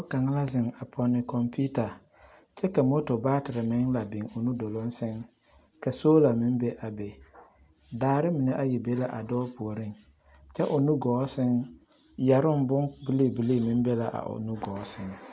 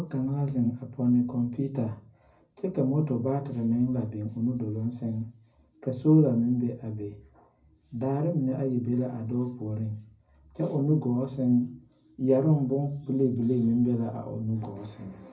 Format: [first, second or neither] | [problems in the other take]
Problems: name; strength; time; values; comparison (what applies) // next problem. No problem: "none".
first | room echo; dies away in 0.4 s